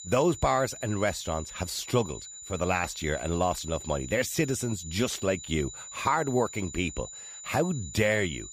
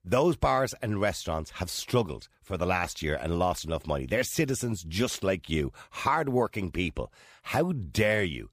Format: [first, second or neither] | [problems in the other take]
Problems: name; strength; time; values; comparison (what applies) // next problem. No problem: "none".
second | high-pitched whine; noticeable; throughout; 7 kHz, 10 dB below the speech